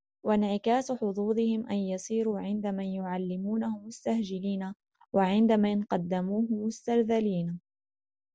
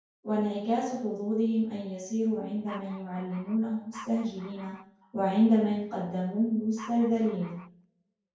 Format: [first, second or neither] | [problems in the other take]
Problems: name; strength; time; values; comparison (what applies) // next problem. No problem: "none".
first | background sound (Dog); 19 dB below the speech // room echo; dies away in 0.5 s